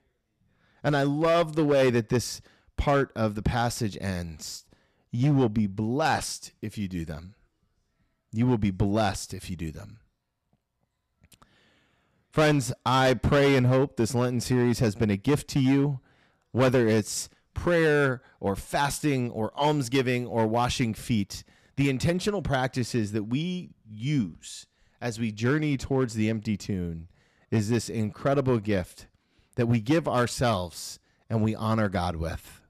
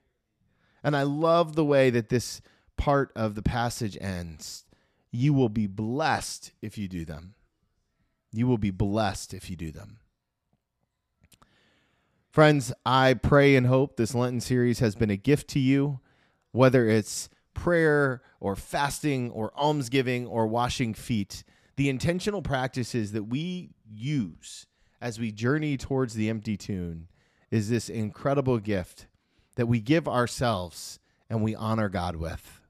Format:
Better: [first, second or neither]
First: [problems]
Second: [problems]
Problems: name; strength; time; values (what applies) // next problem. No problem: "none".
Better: second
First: distortion; slight; 4% of the sound clipped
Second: none